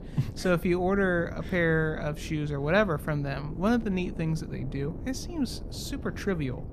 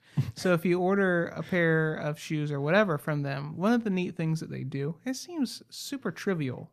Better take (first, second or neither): second